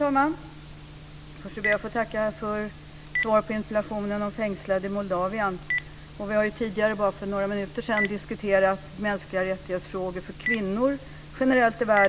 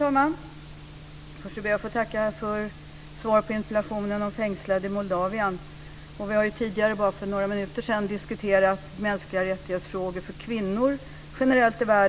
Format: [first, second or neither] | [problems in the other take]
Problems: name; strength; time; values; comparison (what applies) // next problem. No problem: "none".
second | background sound (Telephone); 11 dB below the speech